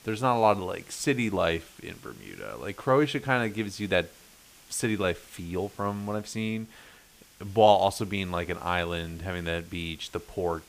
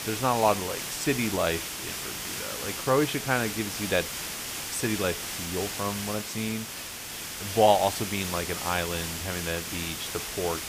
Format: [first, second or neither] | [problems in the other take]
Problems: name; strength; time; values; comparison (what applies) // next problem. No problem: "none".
first | hiss; loud; throughout; 4 dB below the speech; faint in the first